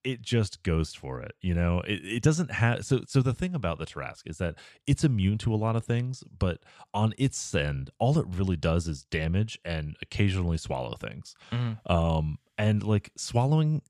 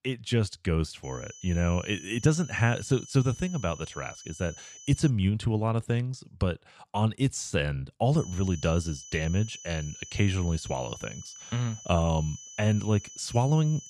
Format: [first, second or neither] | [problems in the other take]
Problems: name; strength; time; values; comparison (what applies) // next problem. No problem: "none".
first | high-pitched whine; noticeable; from 1 to 5 s and from 8 s on; 6 kHz, 15 dB below the speech